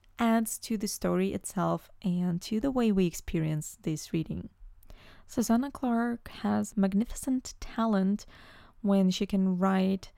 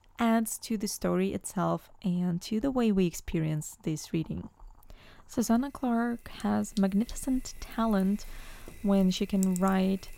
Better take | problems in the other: first | household noises; noticeable; throughout; 20 dB below the speech

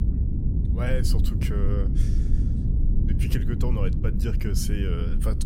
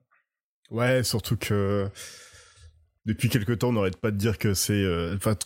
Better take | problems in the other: second | low rumble; loud; throughout; 4 dB below the speech

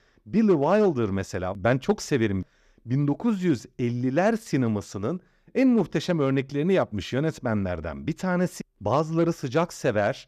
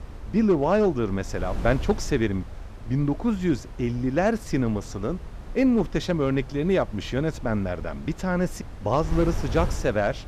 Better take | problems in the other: first | wind noise on the microphone; occasional gusts; 20 dB below the speech

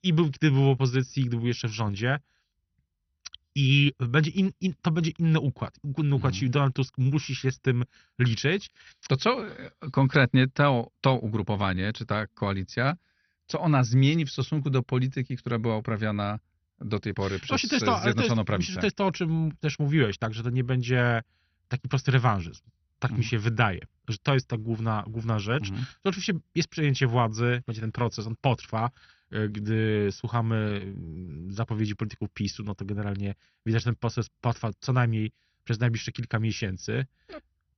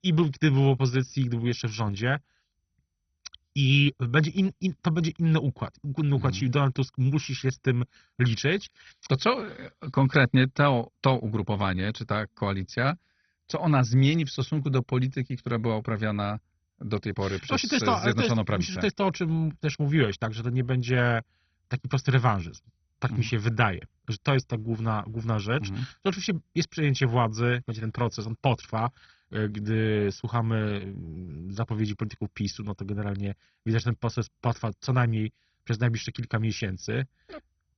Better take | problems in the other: first | garbled, watery; badly; nothing above 6 kHz; slightly in the first

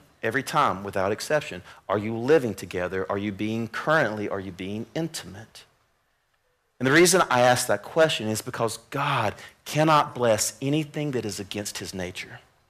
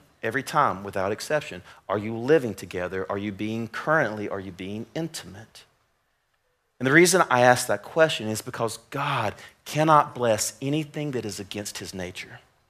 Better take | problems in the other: second | distortion; slight; 1.2% of the sound clipped

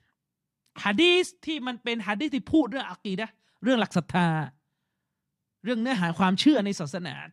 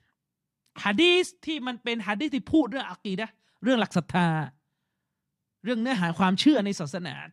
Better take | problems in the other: neither | none

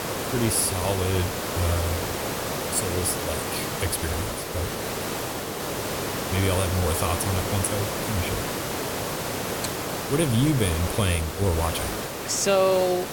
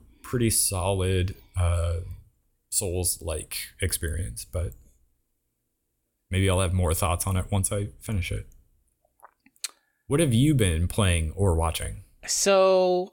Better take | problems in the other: second | hiss; loud; throughout; 3 dB below the speech

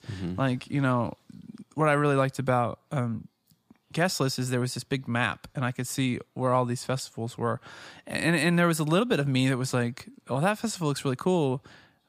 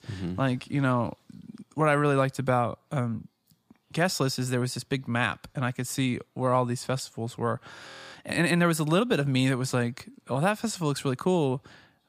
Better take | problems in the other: first | audio freezing; at 8 s

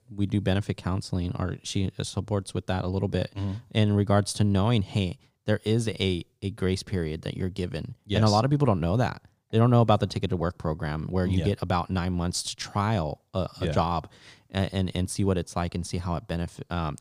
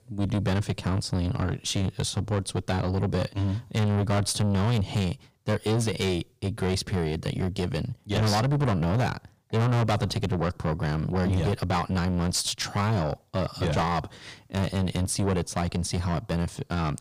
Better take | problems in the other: first | distortion; heavy; 6 dB below the speech

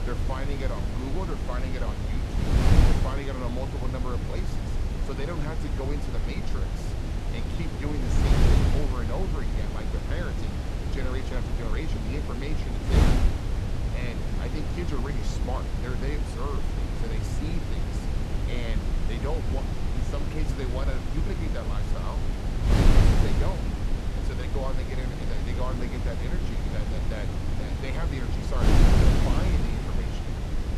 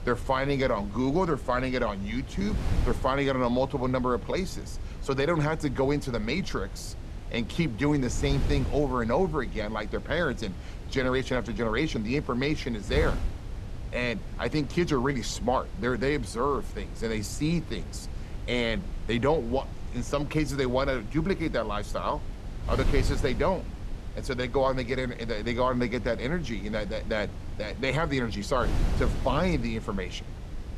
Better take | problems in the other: second | wind noise on the microphone; heavy; 2 dB above the speech; occasional gusts in the second

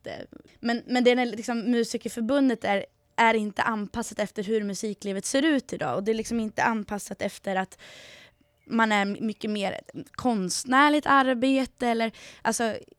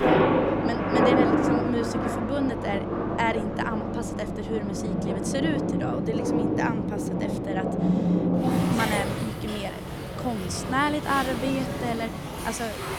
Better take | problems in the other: first | rain or running water; very loud; throughout; 4 dB above the speech

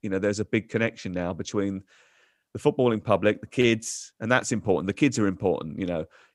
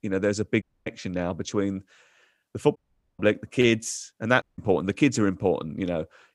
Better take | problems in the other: first | audio cutting out; at 0.5 s, at 3 s and at 4.5 s

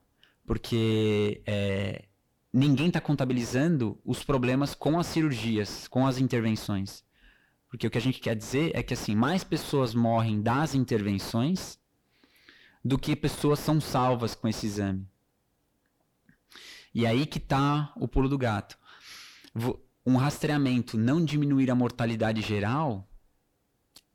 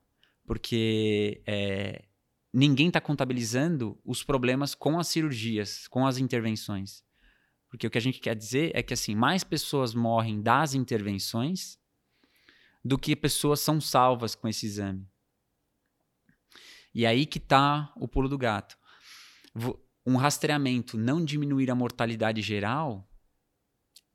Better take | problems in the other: second | distortion; heavy; 7 dB below the speech

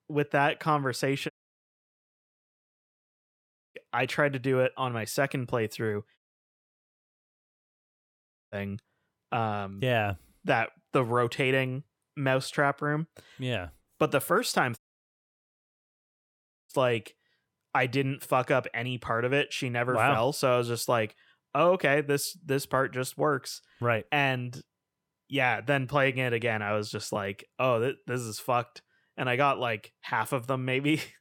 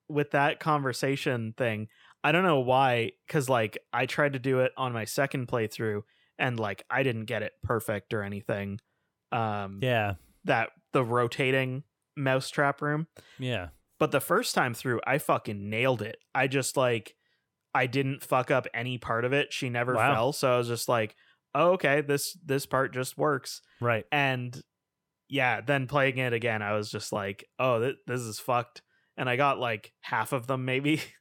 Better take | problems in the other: second | audio cutting out; at 1.5 s for 2.5 s, at 6 s for 2.5 s and at 15 s for 2 s

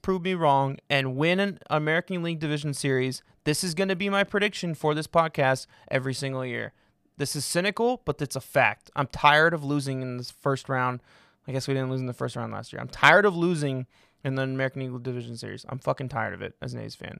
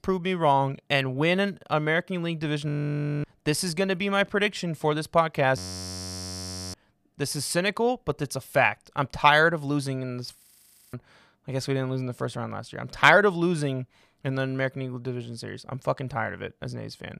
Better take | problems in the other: first | audio freezing; at 2.5 s for 0.5 s, at 5.5 s for 1 s and at 10 s for 0.5 s

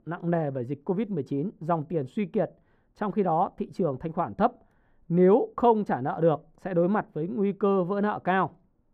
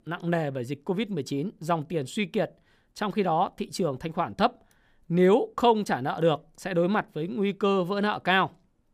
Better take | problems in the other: second | muffled; very; fading above 2.5 kHz

